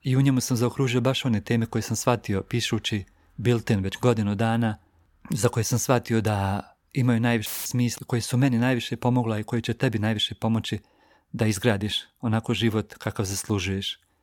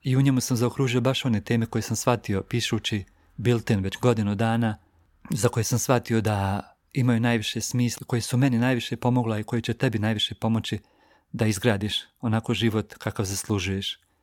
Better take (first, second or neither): second